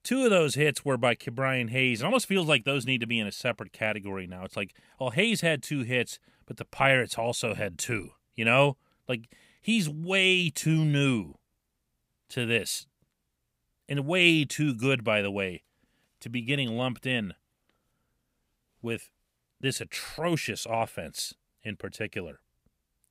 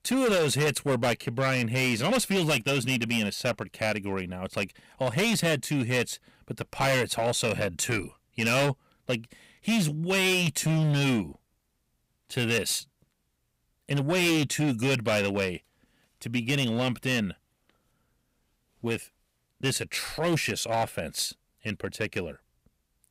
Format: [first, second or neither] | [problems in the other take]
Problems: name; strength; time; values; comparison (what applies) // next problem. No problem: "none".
first | distortion; heavy; 11% of the sound clipped